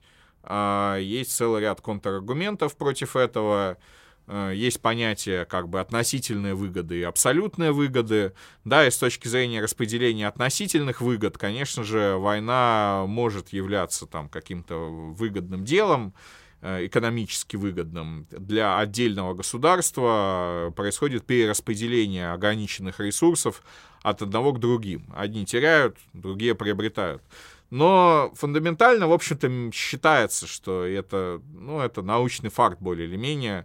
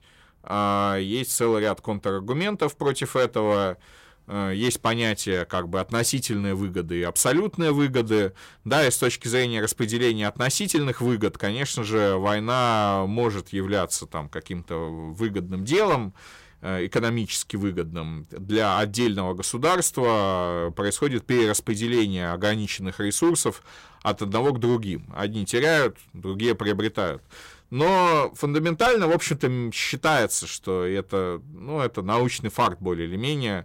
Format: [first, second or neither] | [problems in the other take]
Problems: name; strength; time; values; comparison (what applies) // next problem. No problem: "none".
first | distortion; slight; 5% of the sound clipped